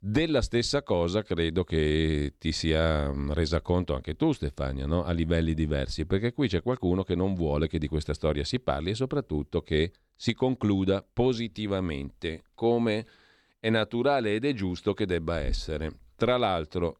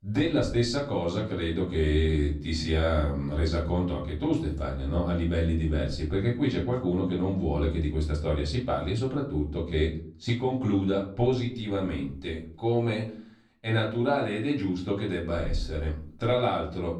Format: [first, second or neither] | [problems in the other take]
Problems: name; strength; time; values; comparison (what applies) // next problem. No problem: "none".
first | off-mic speech; far // room echo; slight; dies away in 0.4 s